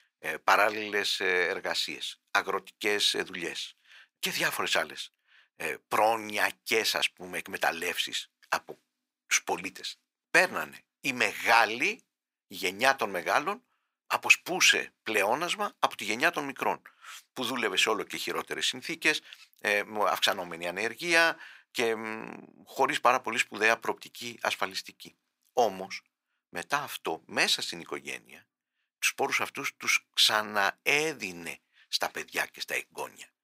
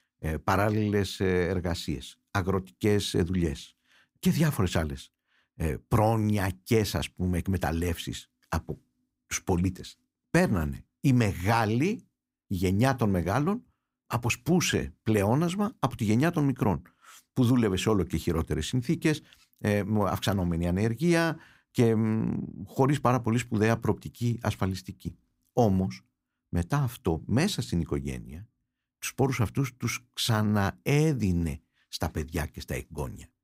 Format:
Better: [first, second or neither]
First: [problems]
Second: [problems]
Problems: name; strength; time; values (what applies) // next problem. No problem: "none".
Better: second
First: thin; very; fading below 650 Hz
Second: none